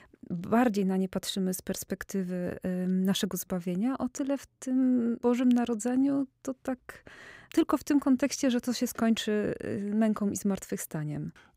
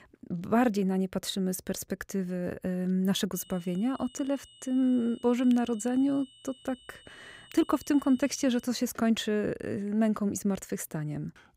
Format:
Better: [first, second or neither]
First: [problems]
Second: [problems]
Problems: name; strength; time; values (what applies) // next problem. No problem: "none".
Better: first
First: none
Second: high-pitched whine; faint; from 3.5 to 8.5 s; 3 kHz, 25 dB below the speech